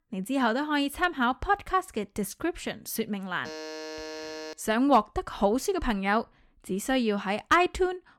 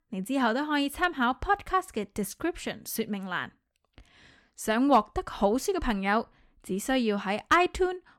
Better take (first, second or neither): second